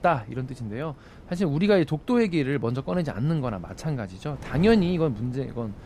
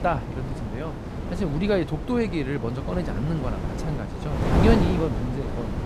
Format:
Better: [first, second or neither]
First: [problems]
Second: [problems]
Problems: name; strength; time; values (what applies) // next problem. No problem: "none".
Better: first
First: wind noise on the microphone; occasional gusts; 20 dB below the speech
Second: wind noise on the microphone; heavy; 3 dB below the speech